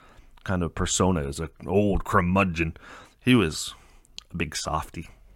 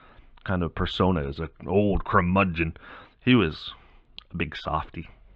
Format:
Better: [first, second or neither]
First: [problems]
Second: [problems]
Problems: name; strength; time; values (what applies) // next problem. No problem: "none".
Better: first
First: none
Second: muffled; very; fading above 3.5 kHz